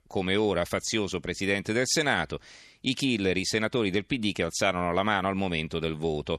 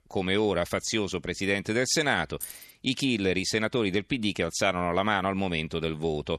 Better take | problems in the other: first | jangling keys; faint; at 2.5 s; peak 10 dB below the speech

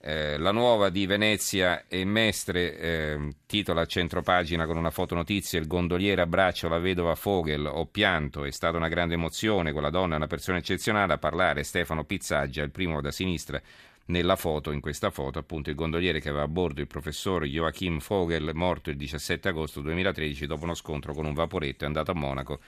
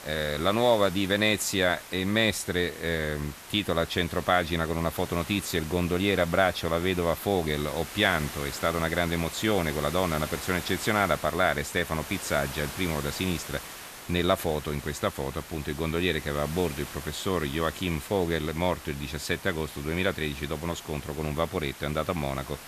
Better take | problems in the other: first | hiss; noticeable; throughout; 10 dB below the speech

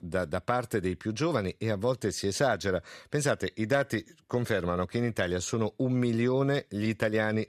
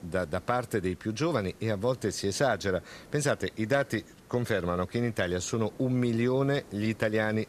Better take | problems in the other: first | hiss; faint; throughout; 25 dB below the speech

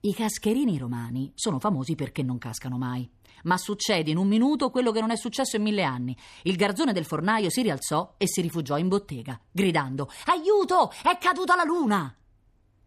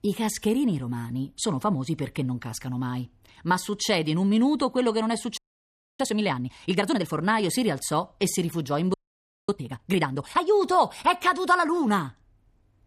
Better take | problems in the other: first | audio freezing; at 5.5 s for 0.5 s and at 9 s for 0.5 s

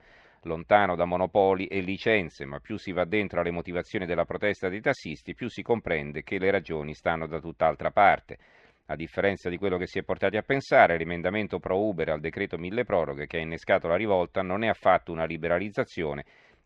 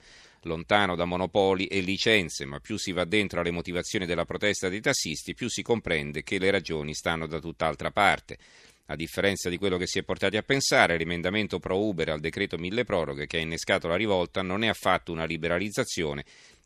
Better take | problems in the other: second | muffled; very; fading above 2 kHz

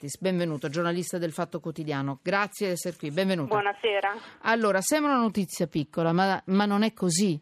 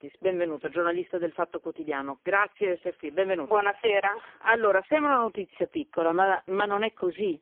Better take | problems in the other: first | phone-call audio; poor line; nothing above 3 kHz

